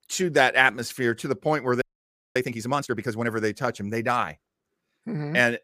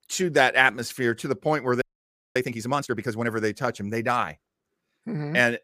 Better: neither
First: audio freezing; at 2 s for 0.5 s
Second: audio freezing; at 2 s for 0.5 s

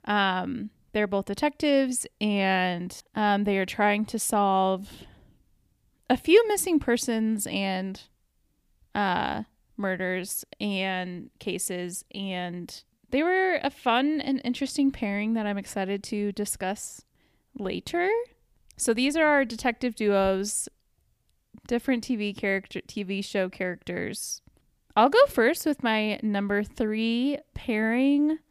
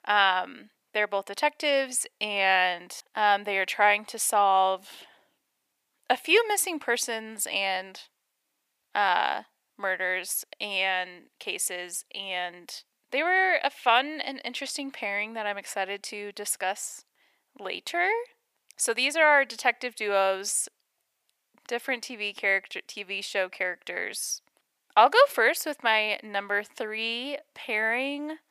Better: first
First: none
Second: thin; very; fading below 750 Hz

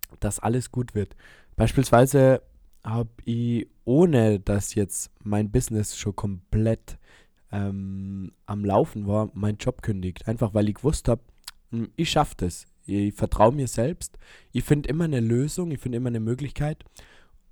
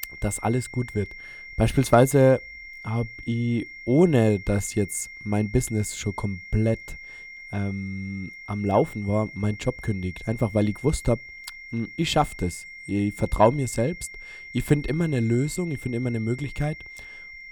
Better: first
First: none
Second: high-pitched whine; noticeable; throughout; 2 kHz, 15 dB below the speech

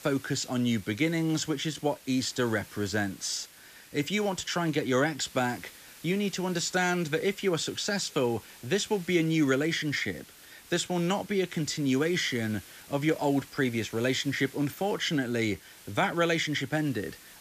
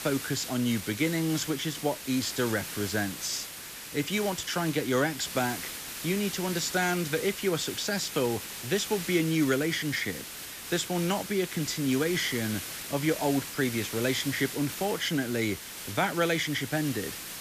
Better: first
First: hiss; faint; throughout; 20 dB below the speech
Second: hiss; loud; throughout; 7 dB below the speech

